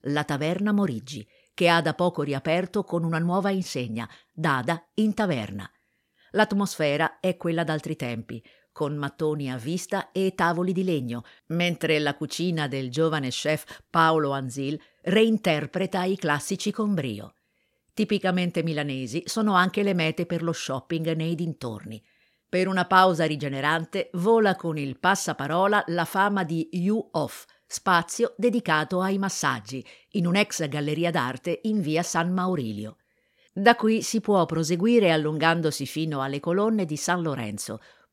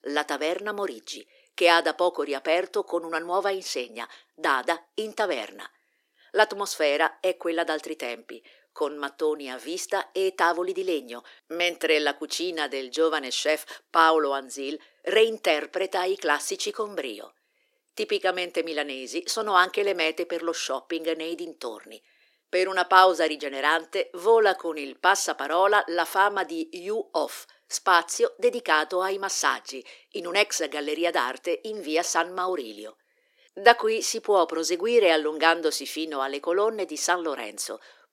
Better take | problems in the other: first | thin; very; fading below 300 Hz

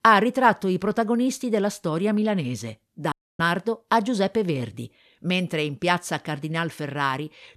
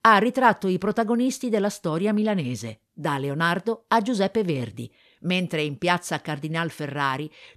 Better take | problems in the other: second | audio cutting out; at 3 s

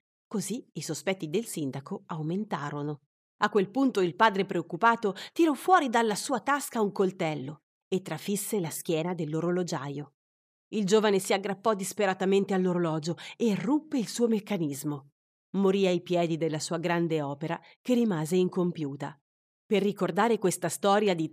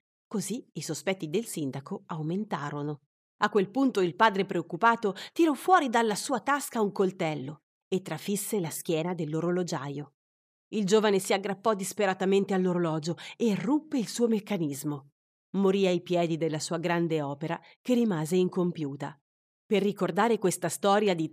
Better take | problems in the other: neither | none

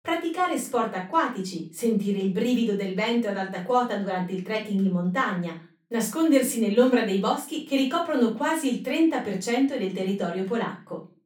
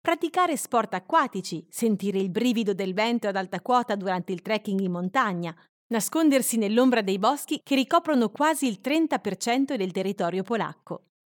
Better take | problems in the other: second | room echo; slight; dies away in 0.3 s // off-mic speech; far

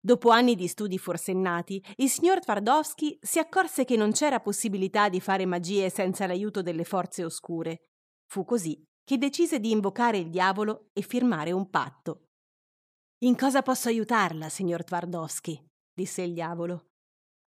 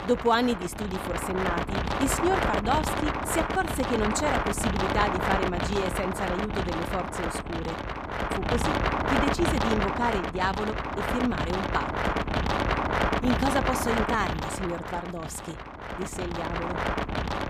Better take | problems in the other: first | wind noise on the microphone; heavy; 2 dB above the speech

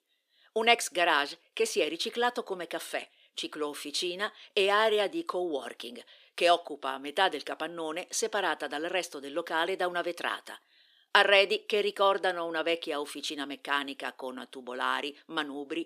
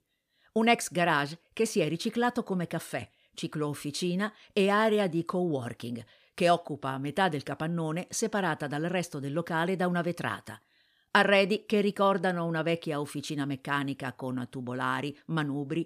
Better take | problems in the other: second | thin; somewhat; fading below 350 Hz

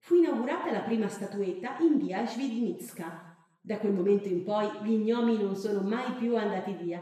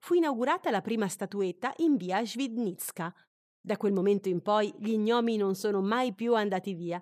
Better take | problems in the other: second | room echo; noticeable; dies away in 0.8 s // off-mic speech; far

